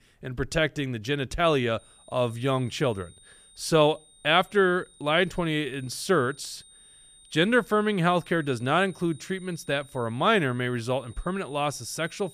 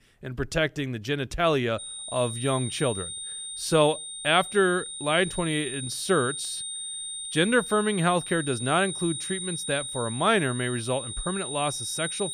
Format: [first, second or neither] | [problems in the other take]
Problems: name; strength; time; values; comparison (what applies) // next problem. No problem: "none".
first | high-pitched whine; loud; from 2 s on; 9 kHz, 7 dB below the speech; faint in the first